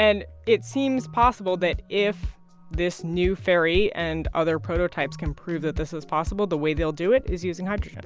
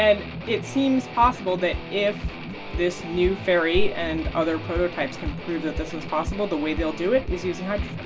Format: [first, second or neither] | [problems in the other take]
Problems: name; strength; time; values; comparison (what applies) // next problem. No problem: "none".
first | background sound (Guitar); 12 dB below the speech // room echo; dies away in 0.2 s